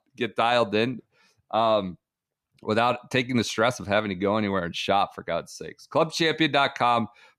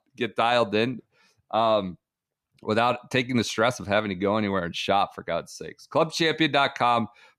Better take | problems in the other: neither | none

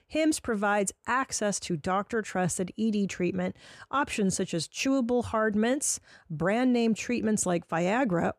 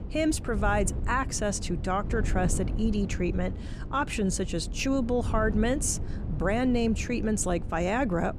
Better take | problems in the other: first | wind noise on the microphone; occasional gusts; 15 dB below the speech

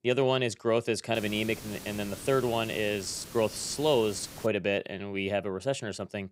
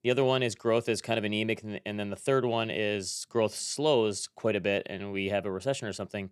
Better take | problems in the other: second | hiss; noticeable; from 1 to 4.5 s; 15 dB below the speech

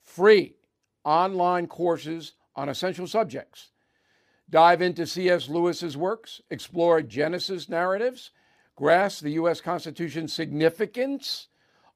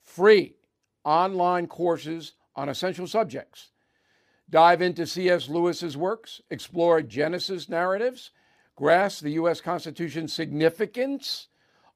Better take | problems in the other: neither | none

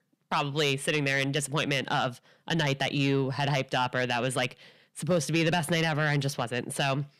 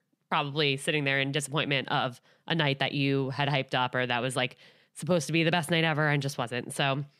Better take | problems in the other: second | distortion; slight; 10 dB below the speech

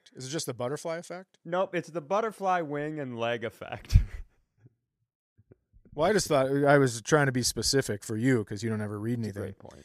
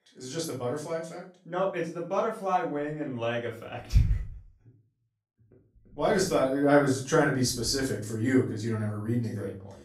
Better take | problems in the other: first | off-mic speech; far // room echo; slight; dies away in 0.4 s

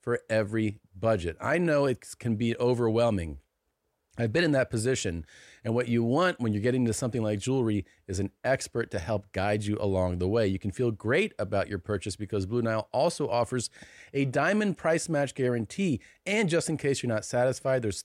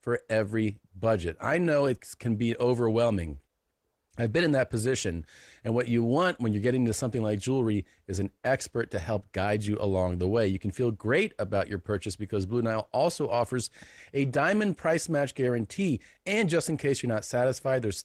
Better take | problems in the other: first | garbled, watery; slightly; nothing above 16 kHz

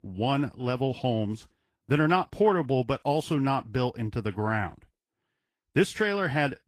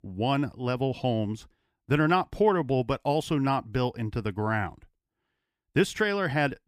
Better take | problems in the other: second | garbled, watery; slightly; nothing above 15 kHz

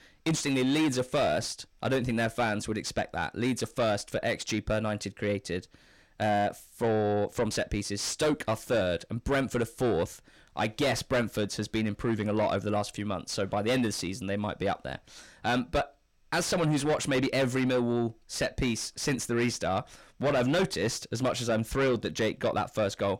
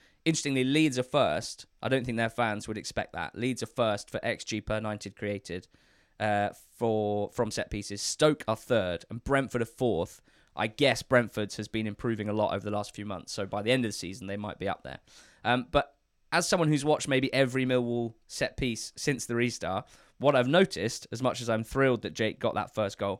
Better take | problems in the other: second | distortion; heavy; 7 dB below the speech

